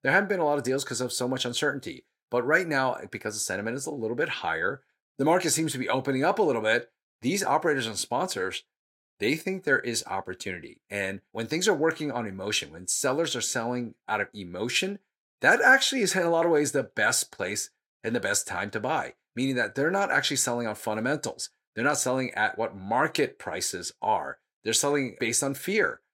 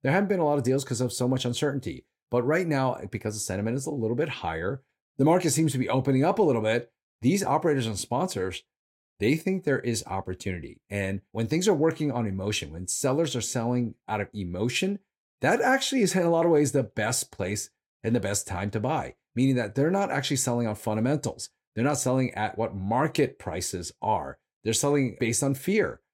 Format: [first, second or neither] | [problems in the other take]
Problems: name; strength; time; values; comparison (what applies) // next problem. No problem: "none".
second | thin; somewhat; fading below 850 Hz